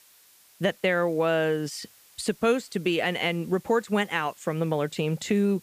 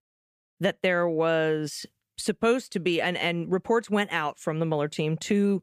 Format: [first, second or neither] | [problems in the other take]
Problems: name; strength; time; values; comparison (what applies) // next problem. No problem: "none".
second | hiss; faint; throughout; 25 dB below the speech